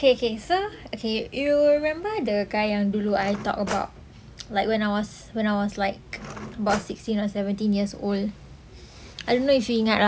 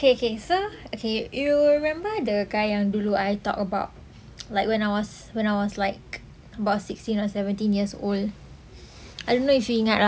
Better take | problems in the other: second | background sound (Cutlery, silverware / Drawer open or close); 12 dB below the speech

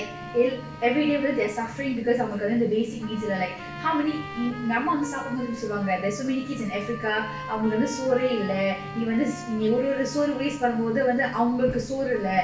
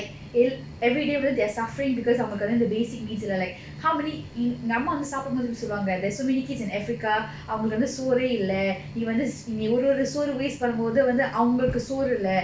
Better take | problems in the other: second | background sound (Trumpet); 15 dB below the speech // room echo; dies away in 0.7 s

